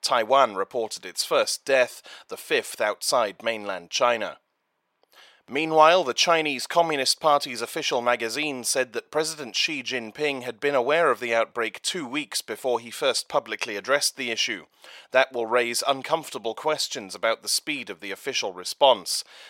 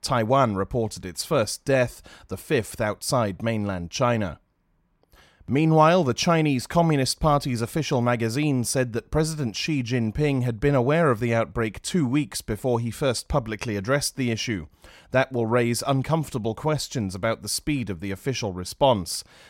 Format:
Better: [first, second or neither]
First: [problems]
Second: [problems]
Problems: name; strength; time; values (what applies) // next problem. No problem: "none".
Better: second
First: thin; very; fading below 550 Hz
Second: none